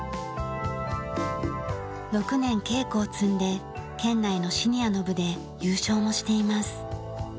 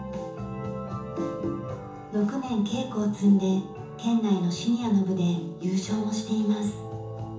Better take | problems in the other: first | room echo; dies away in 0.8 s

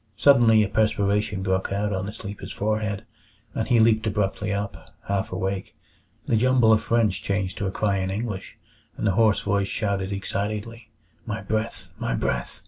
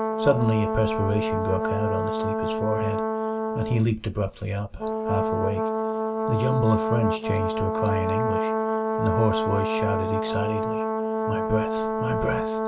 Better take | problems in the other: first | background sound (Brass instrument); 1 dB above the speech

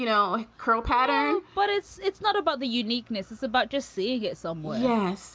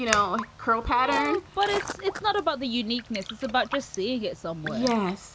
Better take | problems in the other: first | background sound (Raindrop + Walk, footsteps); 11 dB below the speech

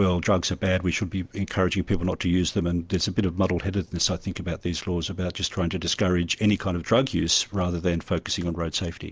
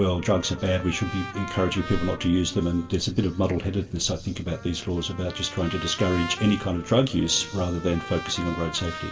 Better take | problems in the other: first | background sound (Trumpet); 14 dB below the speech // room echo; dies away in 2.7 s

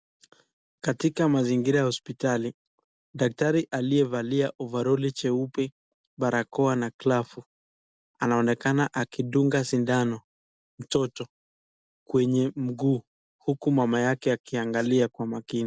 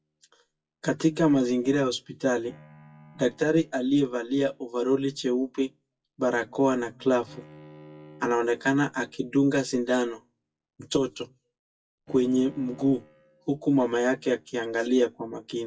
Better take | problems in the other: first | noise reduction (classical method WPE with log-MMSE)

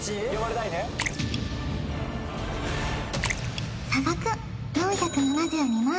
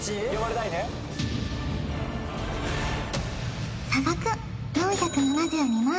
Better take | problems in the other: second | background sound (Splash, splatter); 12 dB below the speech

